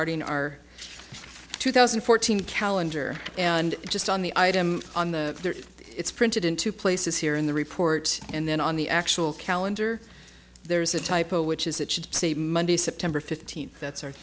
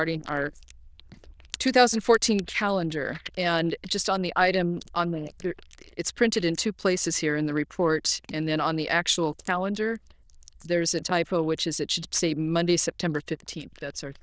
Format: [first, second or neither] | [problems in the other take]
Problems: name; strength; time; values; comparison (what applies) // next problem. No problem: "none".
first | noise reduction (neural diffusion model UNIVERSE++)